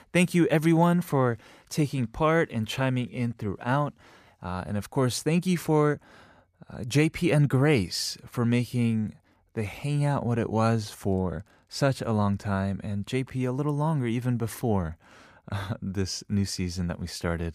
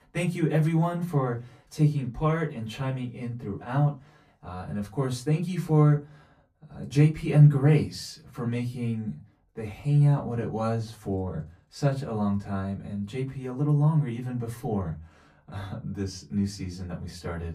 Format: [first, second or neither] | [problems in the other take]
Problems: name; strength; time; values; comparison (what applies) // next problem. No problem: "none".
first | off-mic speech; far // room echo; very slight; dies away in 0.2 s